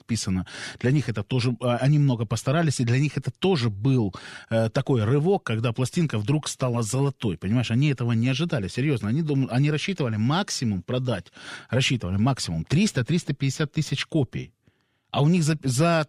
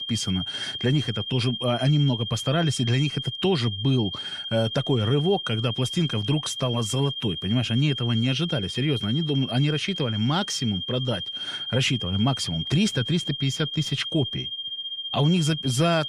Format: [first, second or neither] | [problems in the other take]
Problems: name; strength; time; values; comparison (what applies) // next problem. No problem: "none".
first | high-pitched whine; loud; throughout; 3 kHz, 5 dB below the speech